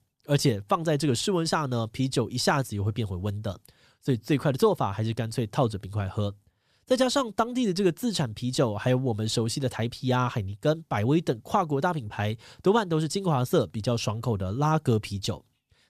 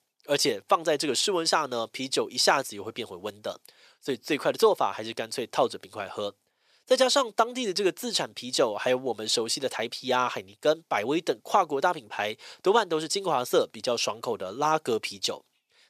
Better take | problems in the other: first | thin; somewhat; fading below 450 Hz

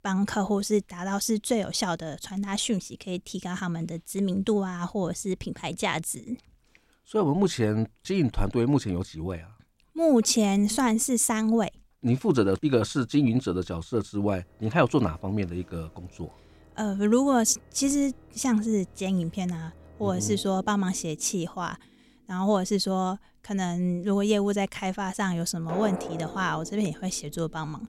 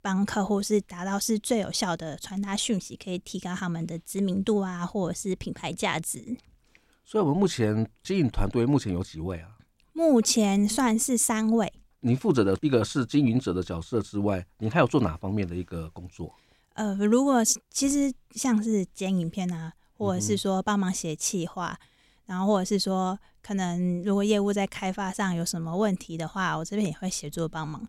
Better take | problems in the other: second | background music; noticeable; from 14 s on; 20 dB below the speech

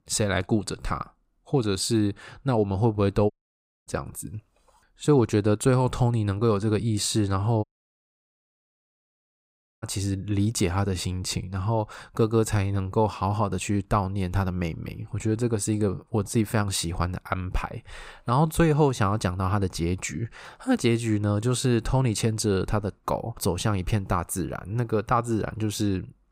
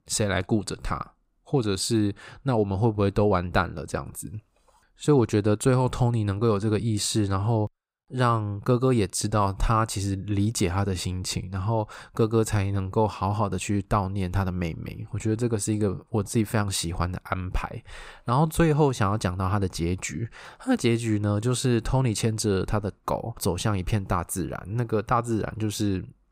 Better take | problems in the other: second | audio cutting out; at 3.5 s for 0.5 s and at 7.5 s for 2 s

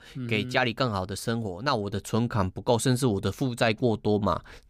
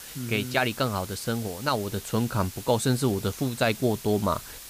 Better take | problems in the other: first | hiss; noticeable; throughout; 15 dB below the speech

